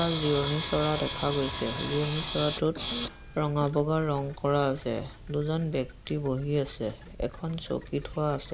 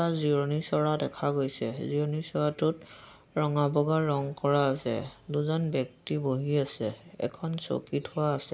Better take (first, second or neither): second